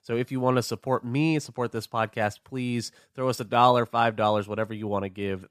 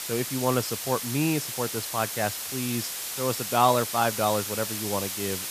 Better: first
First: none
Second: hiss; loud; throughout; 3 dB below the speech

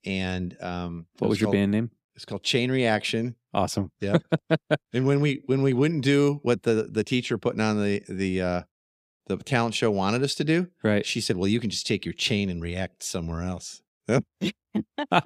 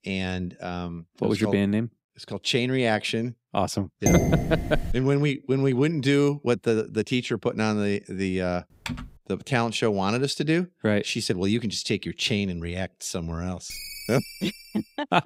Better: first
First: none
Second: clattering dishes; loud; at 4 s; peak 4 dB above the speech // keyboard typing; noticeable; at 9 s; peak 9 dB below the speech // phone ringing; noticeable; from 14 s on; peak 10 dB below the speech

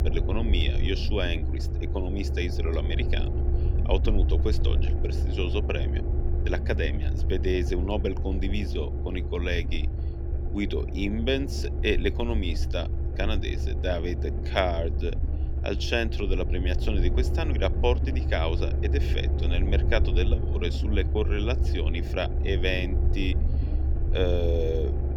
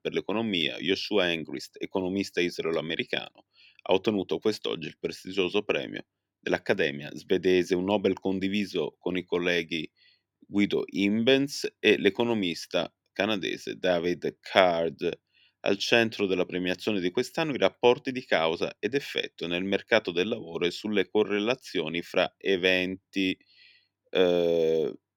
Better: second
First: low rumble; loud; throughout; 9 dB below the speech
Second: none

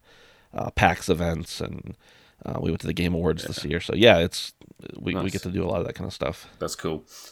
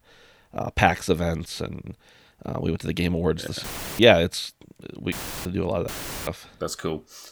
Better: first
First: none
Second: audio cutting out; filled with static; at 3.5 s, at 5 s and at 6 s

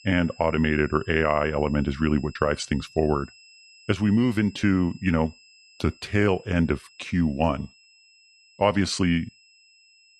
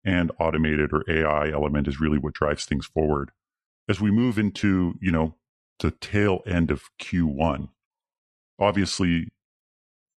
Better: second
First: high-pitched whine; faint; throughout; 2.5 kHz, 25 dB below the speech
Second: none

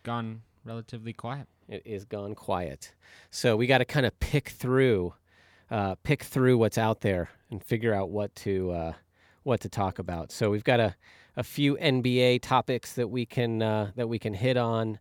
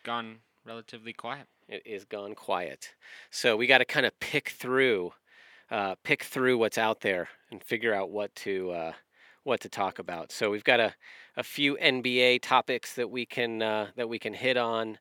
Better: first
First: none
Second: thin; somewhat; fading below 300 Hz

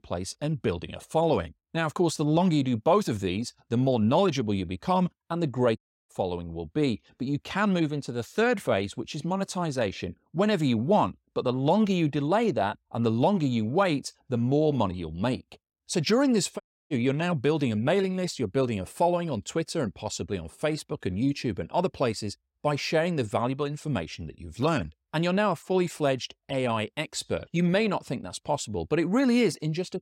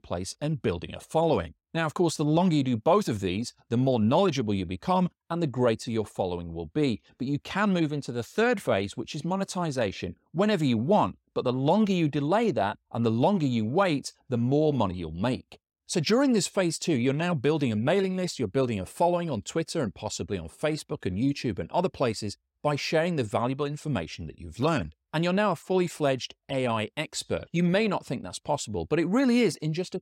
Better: second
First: audio cutting out; at 6 s and at 17 s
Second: none

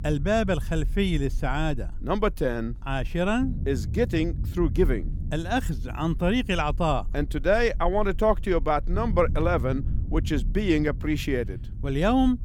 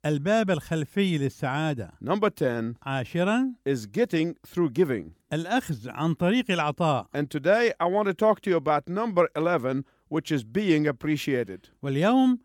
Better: second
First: low rumble; faint; throughout; 20 dB below the speech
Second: none

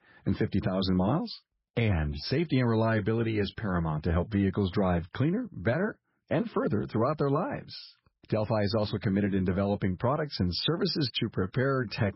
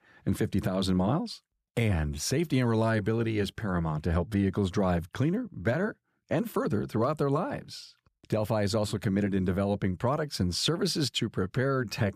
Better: second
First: garbled, watery; badly; nothing above 5.5 kHz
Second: none

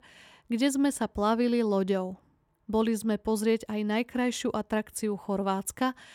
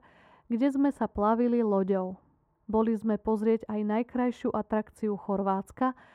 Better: first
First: none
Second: muffled; very; fading above 2.5 kHz

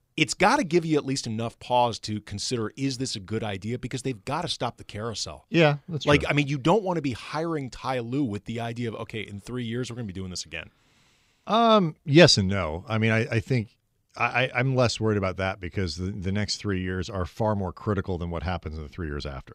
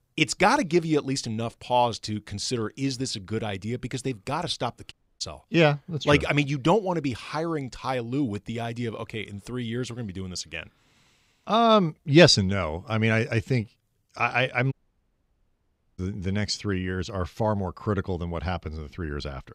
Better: first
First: none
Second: audio cutting out; at 5 s and at 15 s for 1.5 s

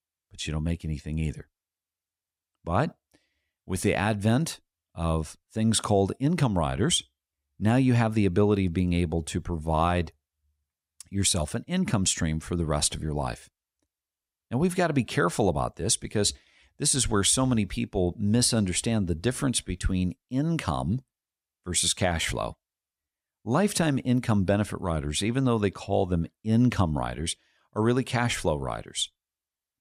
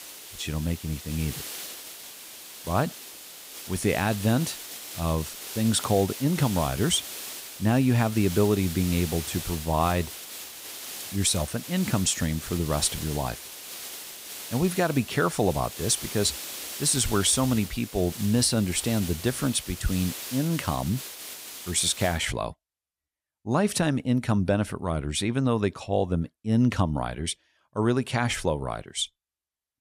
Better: first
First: none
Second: hiss; noticeable; until 22 s; 10 dB below the speech

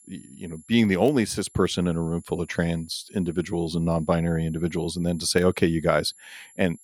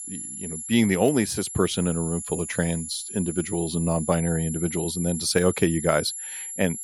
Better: first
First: high-pitched whine; faint; throughout; 11 kHz, 25 dB below the speech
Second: high-pitched whine; loud; throughout; 11 kHz, 7 dB below the speech

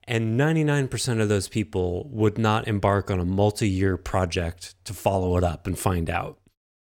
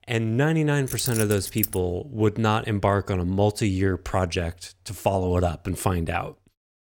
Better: first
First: none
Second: jangling keys; noticeable; at 1 s; peak 4 dB below the speech

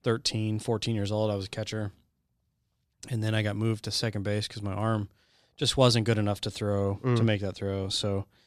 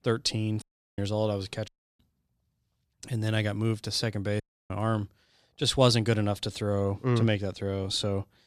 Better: first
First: none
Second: audio cutting out; at 0.5 s, at 1.5 s and at 4.5 s

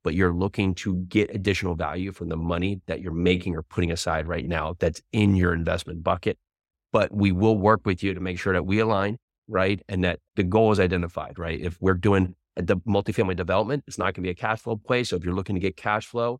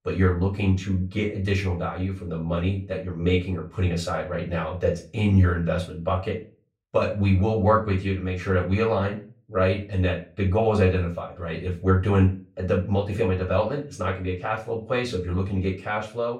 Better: first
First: none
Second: off-mic speech; far // room echo; slight; dies away in 0.3 s

